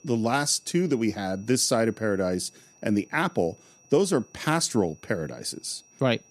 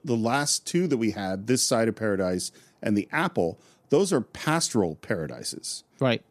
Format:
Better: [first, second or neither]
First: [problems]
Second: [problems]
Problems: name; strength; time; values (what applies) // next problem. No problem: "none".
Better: second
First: high-pitched whine; faint; throughout; 6 kHz, 30 dB below the speech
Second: none